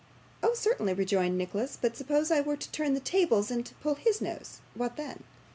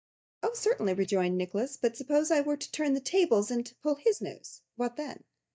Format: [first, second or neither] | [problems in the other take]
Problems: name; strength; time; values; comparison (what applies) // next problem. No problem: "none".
first | noise reduction (neural mask model DeepFilterNet 3)